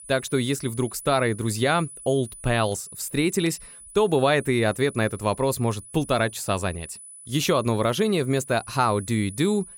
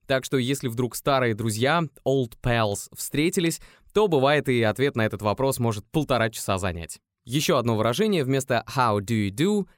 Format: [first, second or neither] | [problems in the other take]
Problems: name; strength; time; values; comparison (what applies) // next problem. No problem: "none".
second | high-pitched whine; noticeable; throughout; 10 kHz, 15 dB below the speech